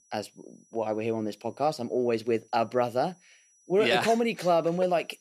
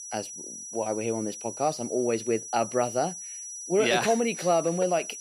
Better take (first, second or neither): first